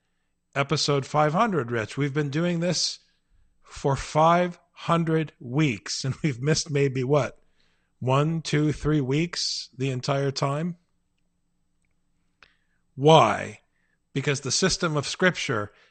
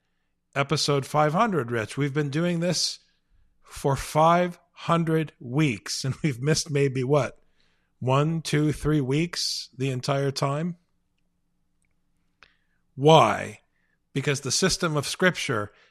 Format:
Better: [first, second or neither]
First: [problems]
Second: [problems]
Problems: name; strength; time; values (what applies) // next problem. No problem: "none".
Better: second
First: garbled, watery; slightly; nothing above 8.5 kHz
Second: none